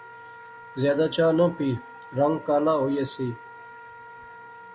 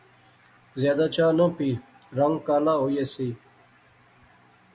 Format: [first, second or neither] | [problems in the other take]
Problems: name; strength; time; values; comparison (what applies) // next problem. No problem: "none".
second | background sound (Wind instrument, woodwind instrument); 18 dB below the speech